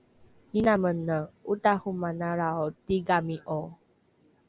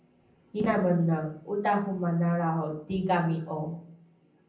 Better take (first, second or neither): first